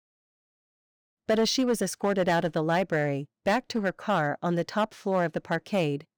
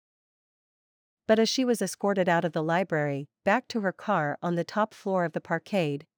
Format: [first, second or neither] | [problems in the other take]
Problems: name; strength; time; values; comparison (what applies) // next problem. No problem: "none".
second | distortion; slight; 4% of the sound clipped